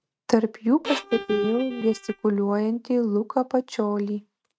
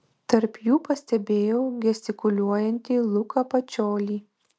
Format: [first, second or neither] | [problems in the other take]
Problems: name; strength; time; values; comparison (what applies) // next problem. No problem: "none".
second | noise reduction (neural mask model RNNoise)